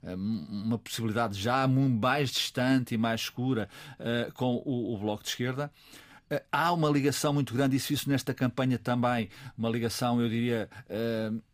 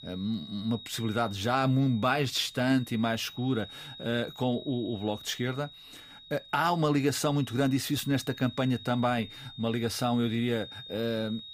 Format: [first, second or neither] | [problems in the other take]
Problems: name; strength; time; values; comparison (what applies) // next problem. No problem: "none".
first | high-pitched whine; noticeable; throughout; 4 kHz, 15 dB below the speech